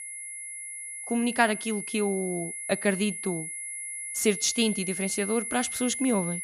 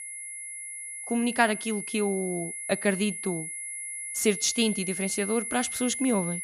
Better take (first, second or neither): neither